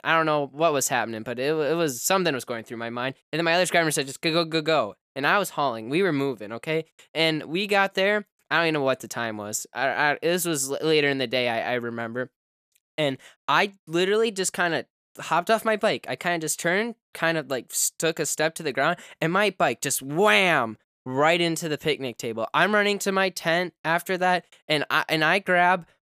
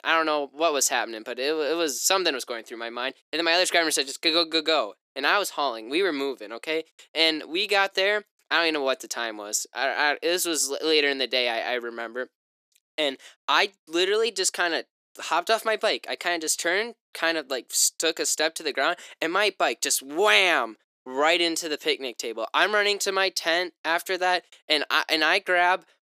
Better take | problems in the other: first | thin; somewhat; fading below 300 Hz

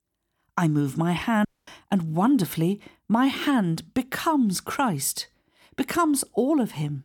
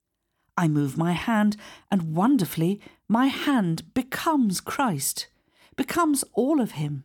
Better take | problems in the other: second | audio cutting out; at 1.5 s

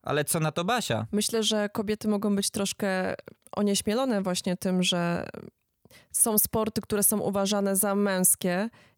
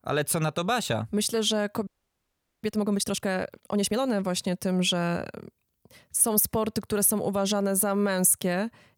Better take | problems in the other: first | audio freezing; at 2 s for 1 s

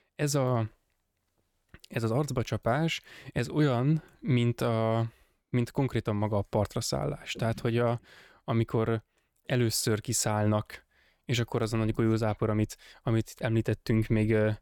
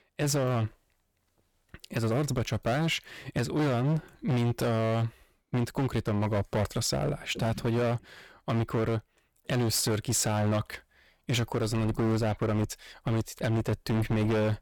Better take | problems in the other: first | distortion; heavy; 18% of the sound clipped

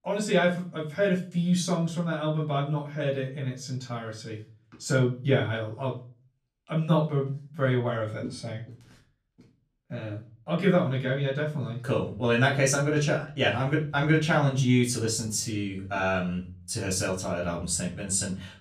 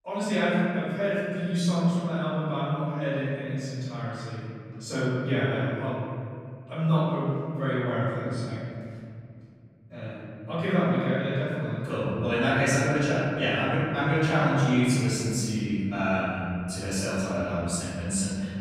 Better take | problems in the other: first | room echo; strong; dies away in 2.5 s; slight in the first // off-mic speech; far; far in the first

